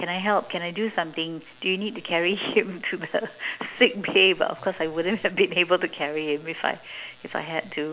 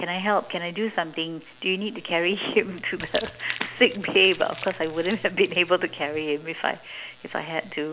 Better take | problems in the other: first | background sound (Crumpling, crinkling); 14 dB below the speech

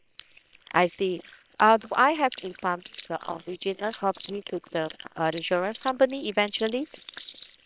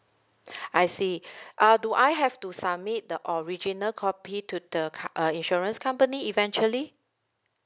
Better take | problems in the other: second | noise reduction (neural separator model SepFormer WHAM!)

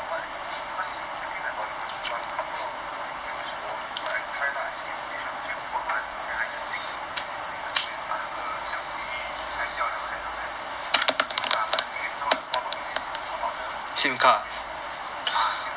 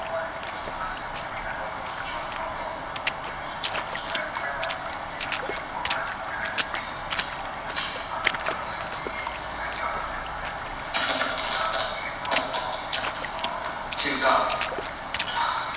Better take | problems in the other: first | background sound (Water / Splash, splatter); 6 dB below the speech // room echo; dies away in 1.2 s

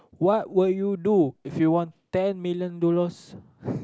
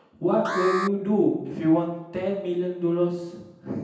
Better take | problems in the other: first | background sound (Alarm); 8 dB below the speech // room echo; dies away in 0.9 s

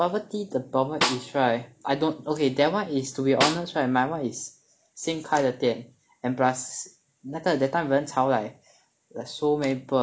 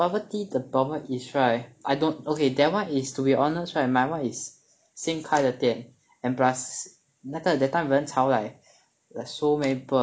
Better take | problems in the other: second | background sound (Snare drum); 5 dB below the speech

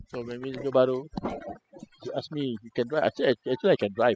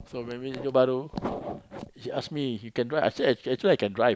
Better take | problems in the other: second | noise reduction (classical method spectral subtraction)

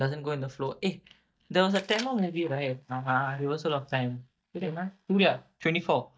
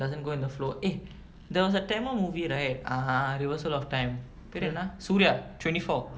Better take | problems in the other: second | noise reduction (neural mask model DeepFilterNet 3)

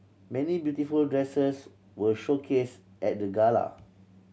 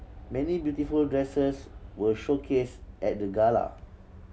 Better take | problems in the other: first | background sound (Aircraft); 16 dB below the speech

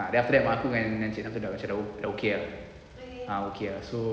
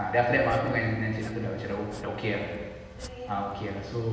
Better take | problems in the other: first | background sound (Domestic sounds, home sounds); 19 dB below the speech // room echo; dies away in 1.1 s

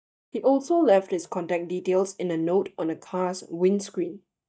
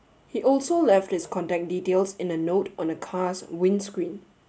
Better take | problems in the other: second | noise reduction (neural mask model DeepFilterNet 3)

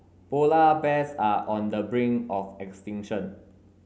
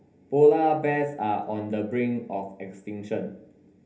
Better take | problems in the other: first | room echo; dies away in 0.3 s

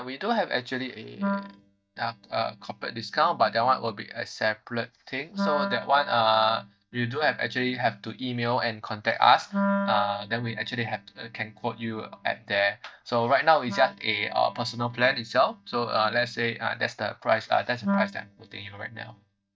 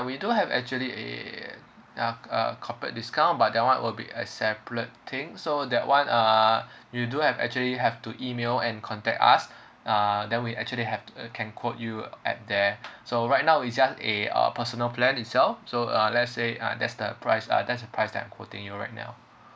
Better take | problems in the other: second | noise reduction (neural mask model DeepFilterNet 3)

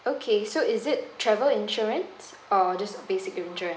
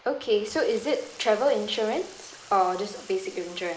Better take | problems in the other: first | noise reduction (neural mask model Resemble Enhance denoiser)

